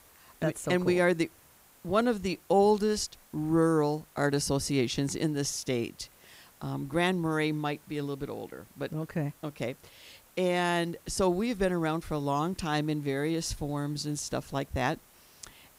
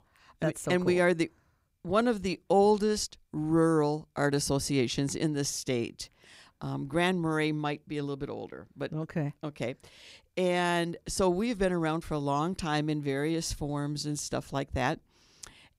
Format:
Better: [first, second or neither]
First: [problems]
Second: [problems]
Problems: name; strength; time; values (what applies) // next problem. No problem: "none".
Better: second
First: hiss; faint; throughout; 25 dB below the speech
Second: none